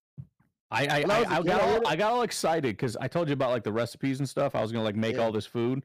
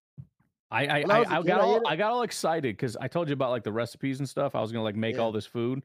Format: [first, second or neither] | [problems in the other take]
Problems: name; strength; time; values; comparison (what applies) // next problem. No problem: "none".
second | distortion; slight; 8% of the sound clipped